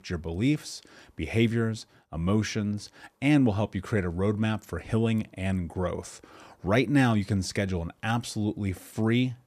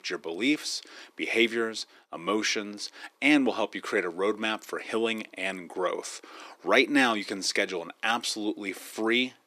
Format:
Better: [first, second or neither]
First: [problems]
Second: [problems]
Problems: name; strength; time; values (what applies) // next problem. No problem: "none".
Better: first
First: none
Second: thin; somewhat; fading below 300 Hz